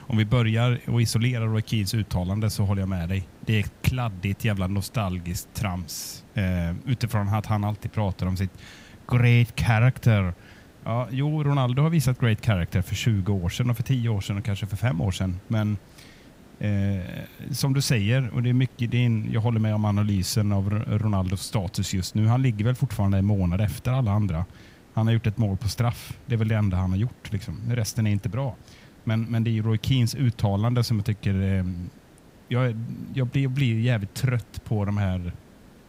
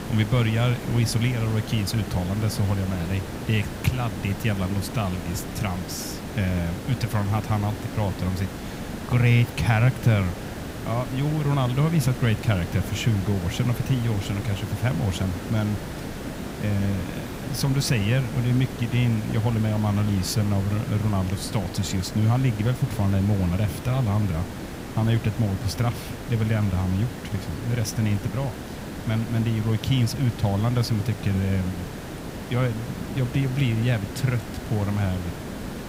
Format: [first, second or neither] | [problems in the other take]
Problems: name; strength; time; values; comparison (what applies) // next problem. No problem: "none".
first | hiss; loud; throughout; 9 dB below the speech; faint in the first